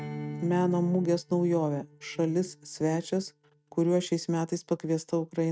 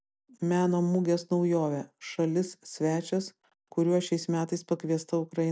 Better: second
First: noise reduction (neural mask model RNNoise)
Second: none

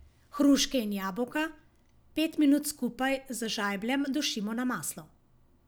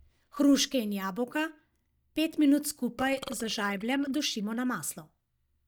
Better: first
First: none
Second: noise reduction (neural mask model DeepFilterNet 3)

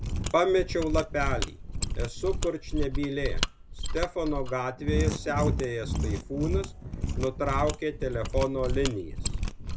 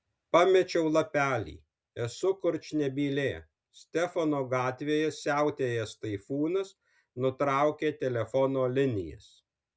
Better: second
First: background sound (Mechanisms); as loud as the speech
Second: none

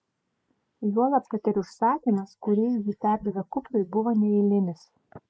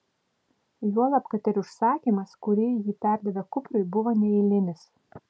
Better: second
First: noise reduction (neural mask model Resemble Enhance denoiser)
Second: none

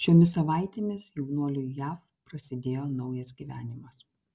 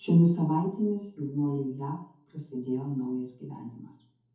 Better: first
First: none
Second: room echo; dies away in 0.5 s

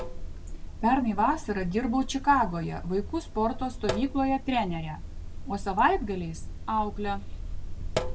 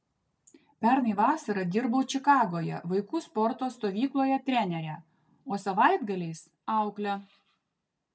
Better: second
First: background sound (Sink (filling or washing)); 6 dB below the speech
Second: none

